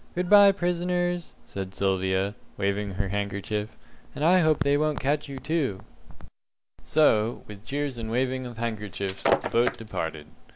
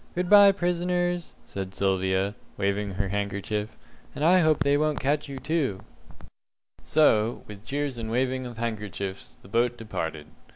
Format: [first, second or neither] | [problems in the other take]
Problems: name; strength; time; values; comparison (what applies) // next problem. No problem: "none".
second | background sound (Shatter); 5 dB below the speech